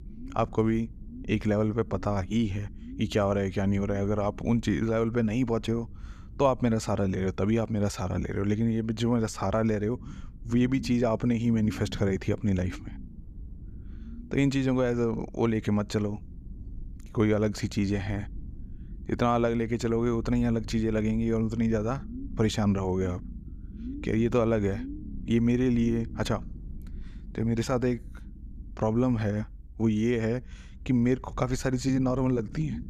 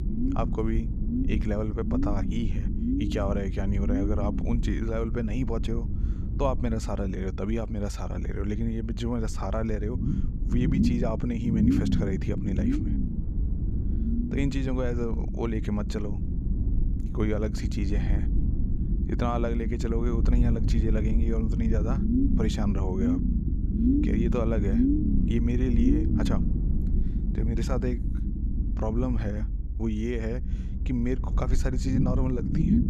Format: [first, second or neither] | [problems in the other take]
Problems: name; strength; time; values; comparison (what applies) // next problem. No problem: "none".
first | low rumble; loud; throughout; 3 dB below the speech; faint in the first